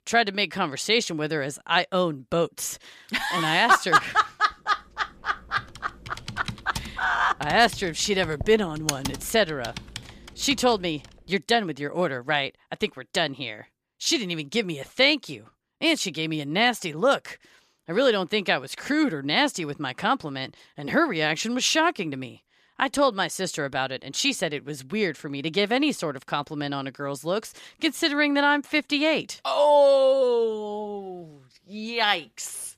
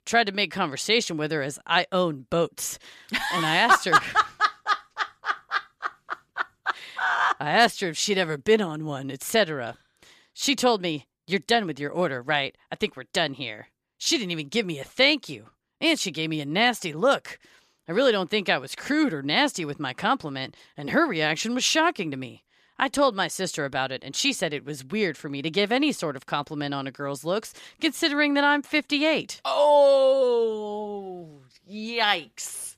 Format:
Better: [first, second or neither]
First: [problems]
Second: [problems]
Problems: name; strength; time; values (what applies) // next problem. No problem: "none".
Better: second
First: keyboard typing; noticeable; from 5.5 to 11 s; peak 4 dB below the speech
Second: none